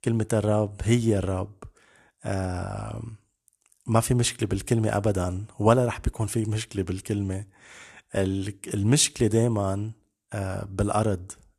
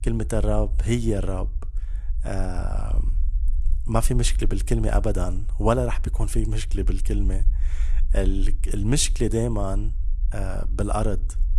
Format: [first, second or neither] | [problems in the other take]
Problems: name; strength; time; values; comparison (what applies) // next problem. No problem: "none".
first | low rumble; faint; throughout; 25 dB below the speech